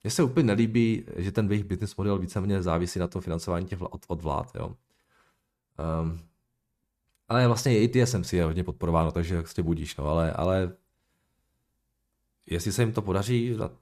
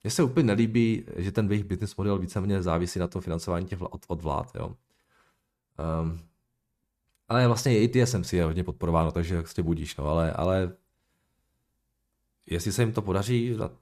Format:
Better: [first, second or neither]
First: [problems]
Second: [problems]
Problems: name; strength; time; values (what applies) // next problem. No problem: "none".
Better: neither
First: none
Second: none